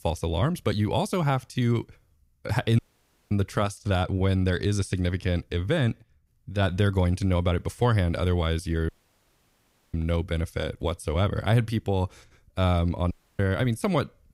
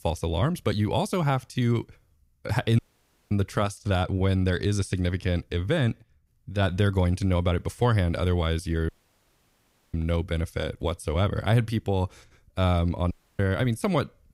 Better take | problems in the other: neither | audio cutting out; at 3 s for 0.5 s, at 9 s for 1 s and at 13 s; the same in both

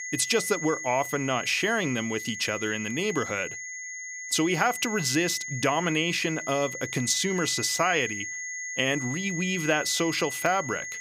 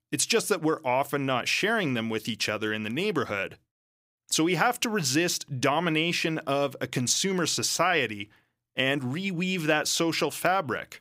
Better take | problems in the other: second | high-pitched whine; loud; throughout; 2 kHz, 7 dB below the speech

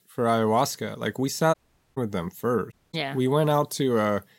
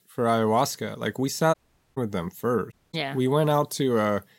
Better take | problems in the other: neither | audio cutting out; at 1.5 s and at 2.5 s; the same in both

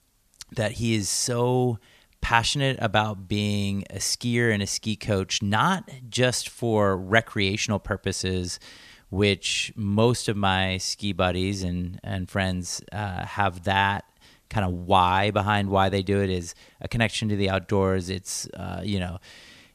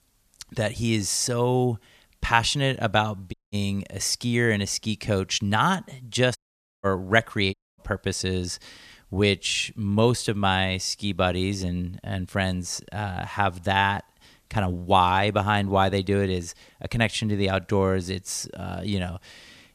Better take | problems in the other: first | audio cutting out; at 3.5 s, at 6.5 s and at 7.5 s

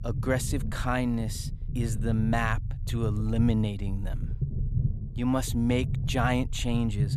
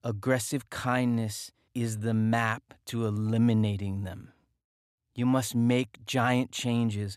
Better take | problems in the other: second | low rumble; noticeable; throughout; 15 dB below the speech

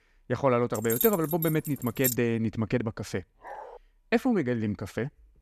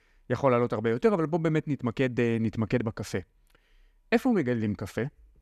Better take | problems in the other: second | jangling keys; noticeable; from 1 to 2 s; peak level with the speech // dog barking; faint; at 3.5 s; peak 15 dB below the speech

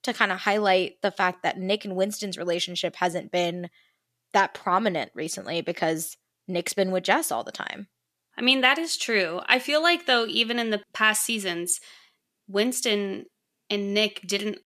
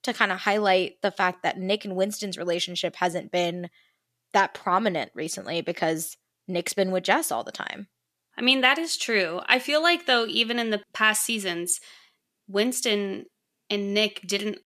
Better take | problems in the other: neither | none

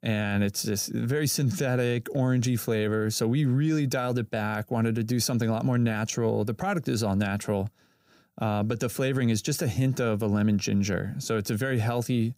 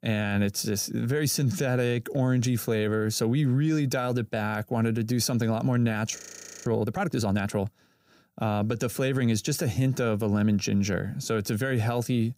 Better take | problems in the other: first | audio freezing; at 6 s

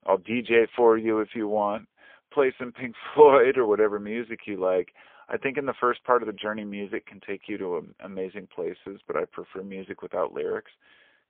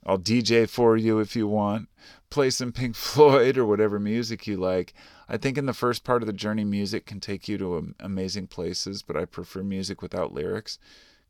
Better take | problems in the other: second | phone-call audio; poor line; nothing above 3.5 kHz

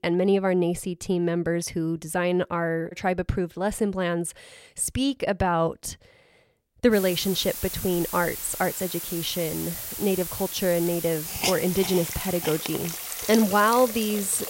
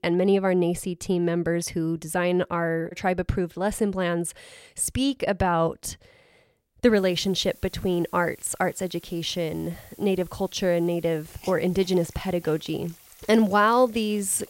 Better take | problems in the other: second | hiss; loud; from 7 s on; 5 dB below the speech; faint in the second

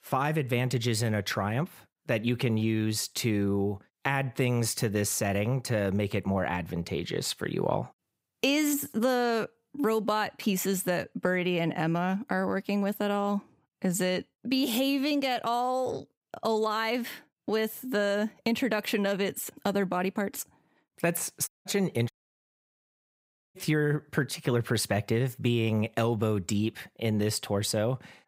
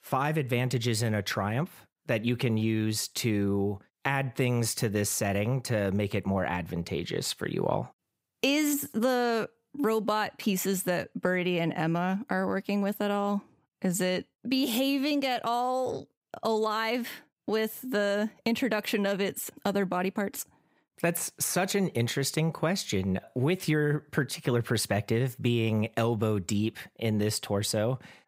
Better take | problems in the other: second | audio cutting out; at 21 s and at 22 s for 1.5 s

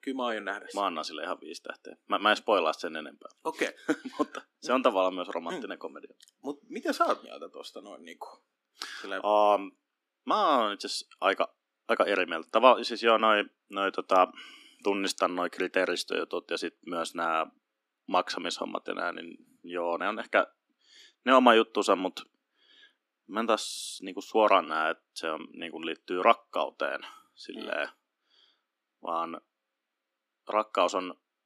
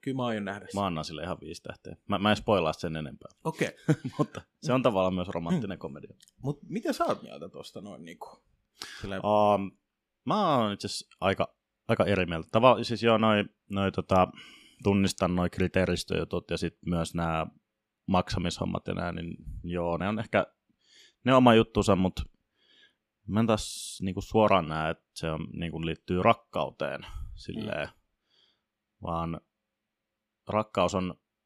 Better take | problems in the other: second | thin; somewhat; fading below 250 Hz

